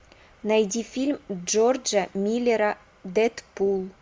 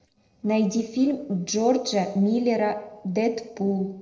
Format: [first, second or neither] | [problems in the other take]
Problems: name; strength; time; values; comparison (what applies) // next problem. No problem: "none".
first | noise reduction (neural separator model SepFormer DNS4)